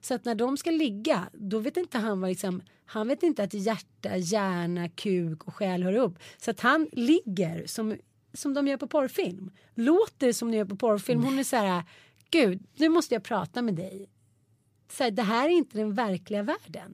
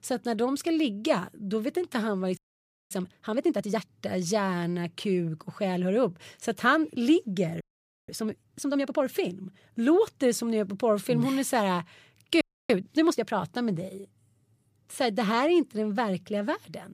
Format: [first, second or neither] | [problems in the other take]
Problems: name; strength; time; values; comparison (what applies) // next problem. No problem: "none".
first | audio freezing; at 2.5 s for 0.5 s, at 7.5 s and at 12 s